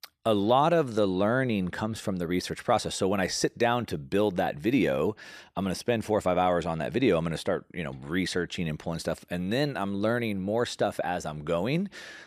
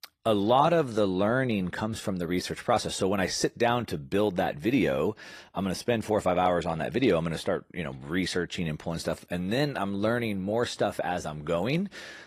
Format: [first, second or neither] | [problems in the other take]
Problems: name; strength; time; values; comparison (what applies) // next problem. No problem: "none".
first | garbled, watery; slightly; nothing above 14.5 kHz